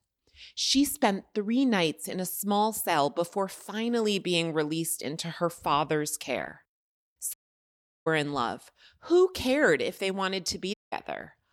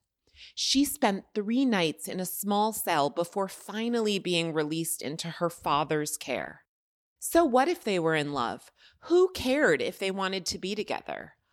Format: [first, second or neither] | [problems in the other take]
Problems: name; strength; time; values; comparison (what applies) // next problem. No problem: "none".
second | audio cutting out; at 7.5 s for 0.5 s and at 11 s